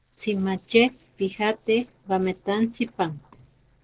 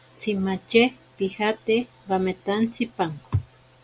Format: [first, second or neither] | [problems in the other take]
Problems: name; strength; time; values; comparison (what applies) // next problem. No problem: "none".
second | noise reduction (neural separator model SepFormer DNS4)